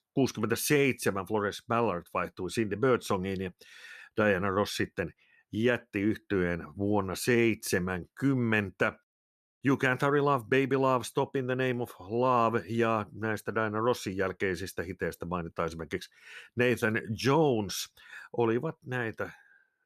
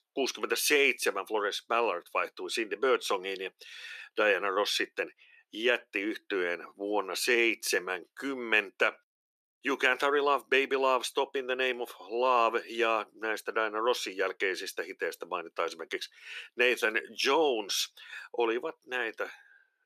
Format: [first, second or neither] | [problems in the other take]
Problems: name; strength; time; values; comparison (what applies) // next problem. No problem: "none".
first | thin; somewhat; fading below 350 Hz